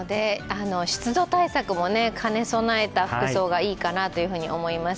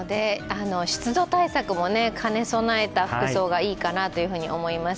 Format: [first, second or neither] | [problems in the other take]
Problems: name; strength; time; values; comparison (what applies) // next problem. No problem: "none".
first | background sound (Organ); 19 dB below the speech